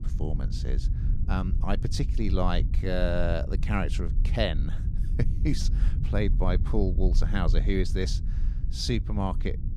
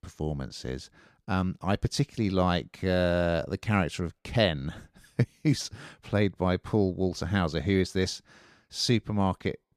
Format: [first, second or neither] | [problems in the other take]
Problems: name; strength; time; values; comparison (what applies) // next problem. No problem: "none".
second | low rumble; noticeable; throughout; 15 dB below the speech